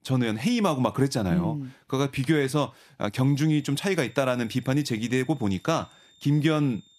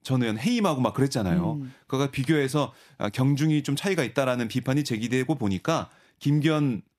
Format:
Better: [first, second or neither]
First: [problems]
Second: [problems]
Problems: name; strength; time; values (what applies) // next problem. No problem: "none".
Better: second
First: high-pitched whine; faint; from 3 s on; 3.5 kHz, 30 dB below the speech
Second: none